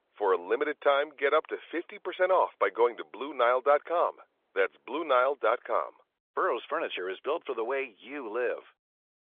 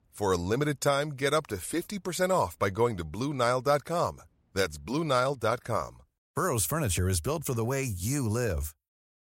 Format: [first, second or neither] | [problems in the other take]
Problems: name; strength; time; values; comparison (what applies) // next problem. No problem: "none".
second | phone-call audio; nothing above 3.5 kHz